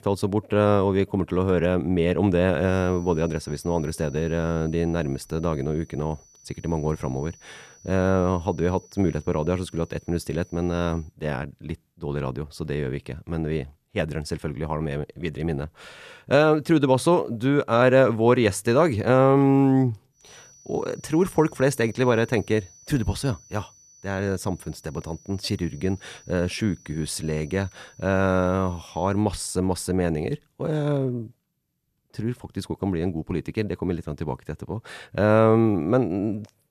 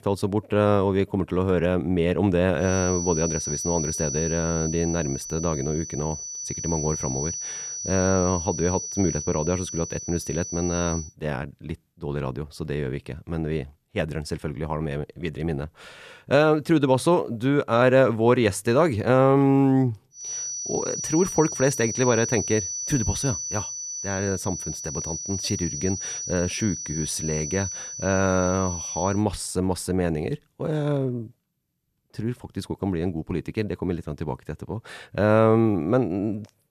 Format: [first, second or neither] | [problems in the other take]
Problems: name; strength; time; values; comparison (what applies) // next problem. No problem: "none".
first | high-pitched whine; loud; from 2.5 to 11 s and from 20 to 29 s; 6 kHz, 5 dB below the speech; faint in the first